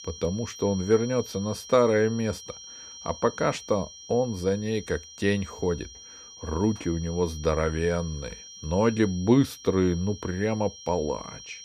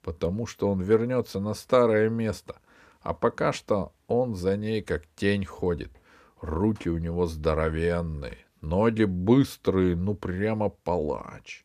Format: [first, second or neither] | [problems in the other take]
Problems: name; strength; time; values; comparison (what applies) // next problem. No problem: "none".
second | high-pitched whine; noticeable; throughout; 5.5 kHz, 15 dB below the speech